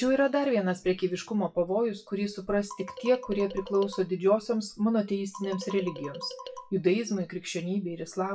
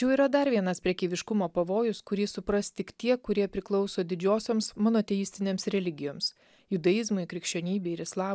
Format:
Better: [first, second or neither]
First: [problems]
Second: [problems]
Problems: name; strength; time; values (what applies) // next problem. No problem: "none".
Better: second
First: noise reduction (classical method WPE with log-MMSE)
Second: none